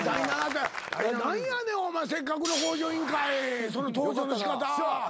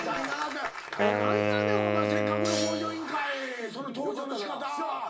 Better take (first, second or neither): first